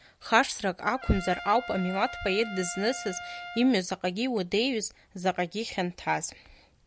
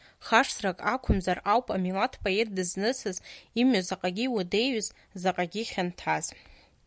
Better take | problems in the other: second | background sound (Trumpet); 12 dB below the speech

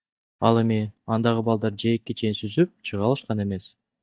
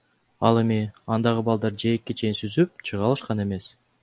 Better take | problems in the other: second | noise reduction (neural mask model DeepFilterNet 3)

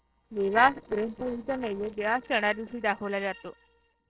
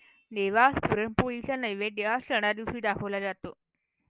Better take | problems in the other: second | noise reduction (neural separator model SepFormer DNS4)

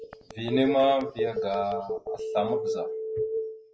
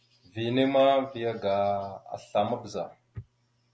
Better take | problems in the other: second | noise reduction (classical method WPE with log-MMSE)

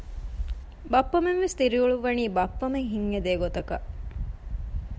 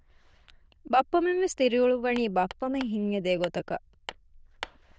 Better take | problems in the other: first | noise reduction (neural diffusion model UNIVERSE++)

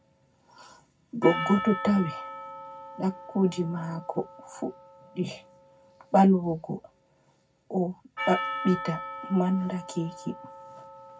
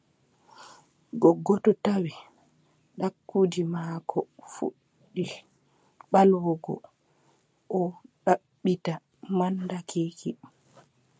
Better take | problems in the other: second | background sound (Percussion); 10 dB below the speech // room echo; dies away in 0.4 s

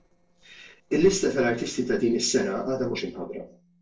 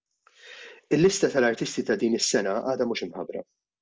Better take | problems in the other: second | noise reduction (neural separator model SepFormer DNS4)

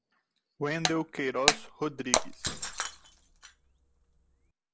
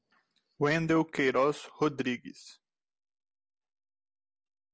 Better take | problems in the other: second | background sound (Shatter); 3 dB above the speech

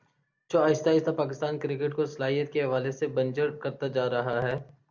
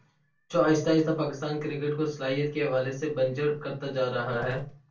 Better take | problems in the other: first | room echo; dies away in 0.2 s

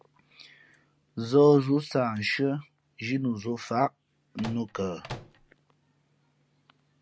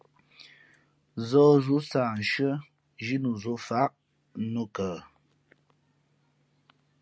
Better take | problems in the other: second | background sound (Microwave oven); 13 dB below the speech

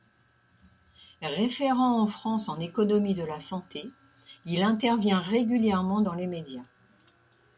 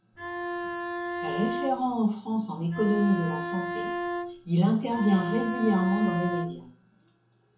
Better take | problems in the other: first | background sound (Bowed string instrument); 5 dB below the speech // room echo; dies away in 0.6 s

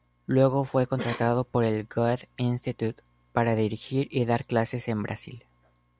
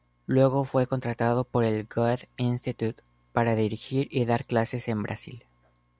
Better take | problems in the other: second | background sound (Cough); 14 dB below the speech

